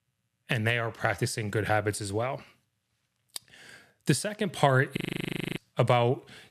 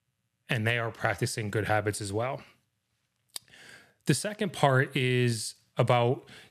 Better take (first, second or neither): second